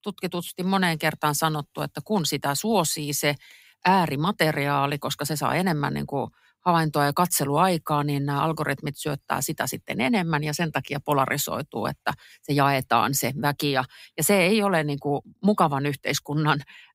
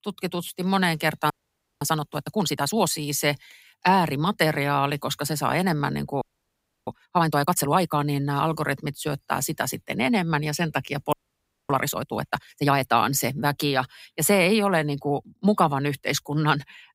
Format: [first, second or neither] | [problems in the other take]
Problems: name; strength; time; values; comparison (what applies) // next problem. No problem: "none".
first | audio freezing; at 1.5 s for 0.5 s, at 6 s for 0.5 s and at 11 s for 0.5 s